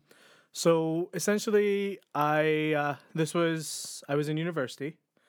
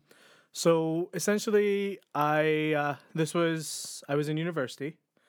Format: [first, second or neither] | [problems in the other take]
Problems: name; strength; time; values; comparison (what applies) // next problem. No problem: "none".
neither | none